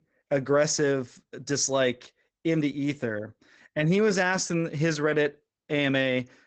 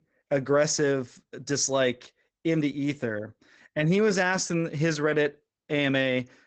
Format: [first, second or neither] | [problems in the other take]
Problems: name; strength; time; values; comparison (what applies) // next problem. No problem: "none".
neither | garbled, watery; badly; nothing above 7.5 kHz; the same in both